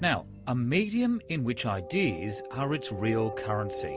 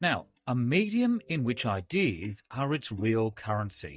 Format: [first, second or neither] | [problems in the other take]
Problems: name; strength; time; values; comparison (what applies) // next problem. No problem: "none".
first | noise reduction (neural mask model DeepFilterNet 3)